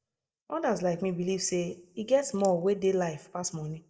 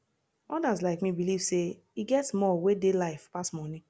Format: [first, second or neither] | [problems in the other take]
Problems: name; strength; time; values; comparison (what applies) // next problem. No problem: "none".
second | noise reduction (neural mask model DeepFilterNet 3)